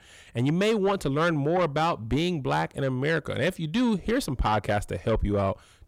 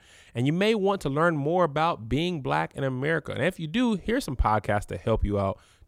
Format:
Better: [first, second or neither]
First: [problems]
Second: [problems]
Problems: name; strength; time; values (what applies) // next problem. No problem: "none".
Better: second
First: distortion; slight; 10 dB below the speech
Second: none